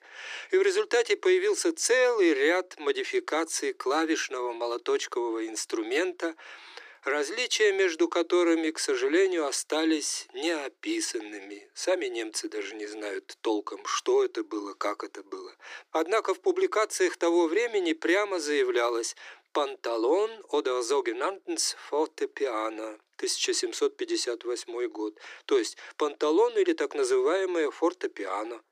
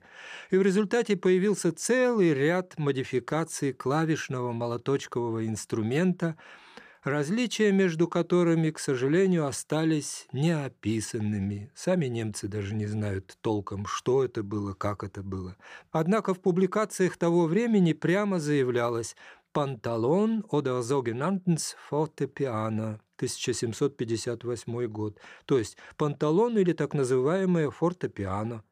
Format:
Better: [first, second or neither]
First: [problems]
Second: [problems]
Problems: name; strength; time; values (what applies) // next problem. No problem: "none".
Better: second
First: thin; very; fading below 300 Hz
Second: none